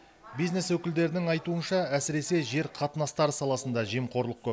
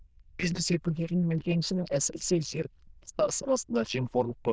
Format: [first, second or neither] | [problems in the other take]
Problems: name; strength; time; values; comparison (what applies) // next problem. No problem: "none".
first | noise reduction (neural diffusion model UNIVERSE++)